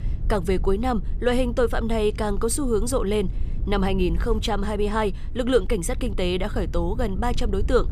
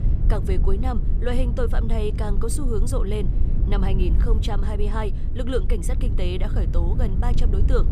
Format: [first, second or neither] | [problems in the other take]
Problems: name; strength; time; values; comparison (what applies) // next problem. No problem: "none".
first | low rumble; loud; throughout; 9 dB below the speech; faint in the first